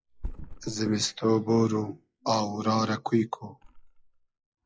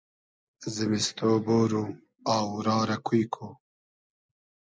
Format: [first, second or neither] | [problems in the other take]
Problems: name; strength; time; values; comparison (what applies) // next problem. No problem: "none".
second | noise reduction (classical method log-MMSE)